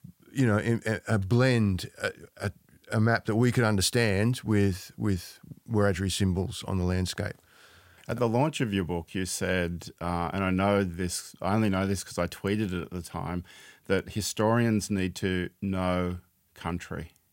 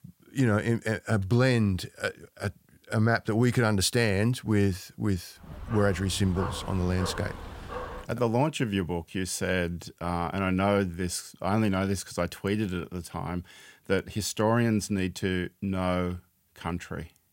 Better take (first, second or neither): first